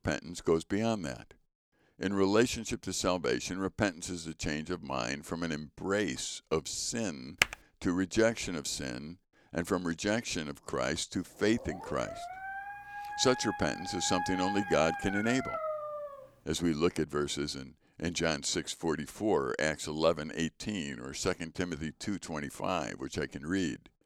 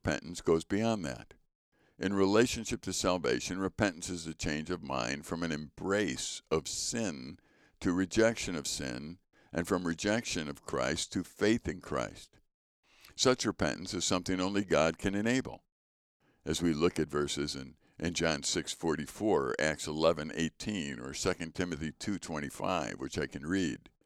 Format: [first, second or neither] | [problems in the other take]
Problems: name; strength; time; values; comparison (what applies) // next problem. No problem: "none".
second | keyboard typing; very faint; at 7.5 s; peak 3 dB above the speech // dog barking; noticeable; from 11 to 16 s; peak 2 dB below the speech